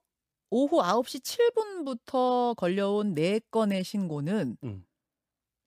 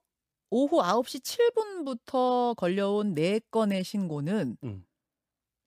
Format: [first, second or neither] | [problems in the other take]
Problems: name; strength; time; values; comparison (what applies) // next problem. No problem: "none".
neither | none